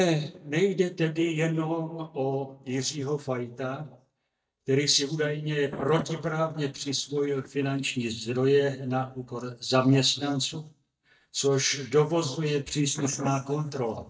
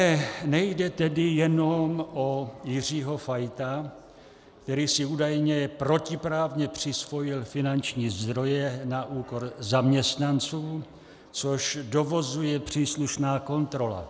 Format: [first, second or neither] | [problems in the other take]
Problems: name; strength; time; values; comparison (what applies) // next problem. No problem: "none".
second | noise reduction (neural mask model DeepFilterNet 3)